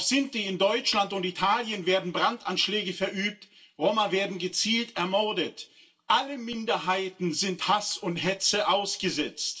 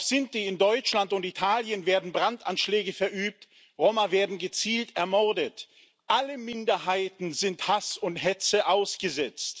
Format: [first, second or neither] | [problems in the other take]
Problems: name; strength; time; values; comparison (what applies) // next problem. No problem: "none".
second | room echo; dies away in 0.2 s